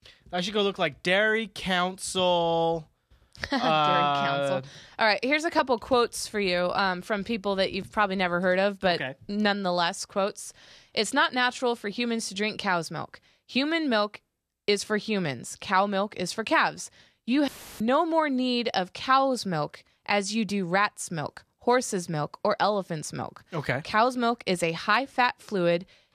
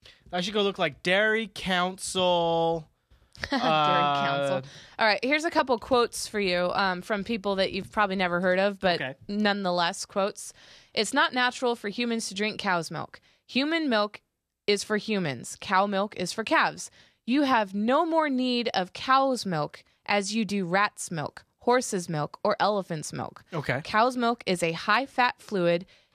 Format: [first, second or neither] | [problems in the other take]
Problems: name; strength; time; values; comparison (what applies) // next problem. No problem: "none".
second | audio cutting out; filled with static; at 17 s